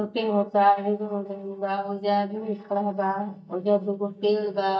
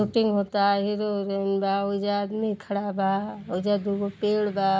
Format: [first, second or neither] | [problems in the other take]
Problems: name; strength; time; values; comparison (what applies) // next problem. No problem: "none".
second | noise reduction (neural mask model DeepFilterNet 3)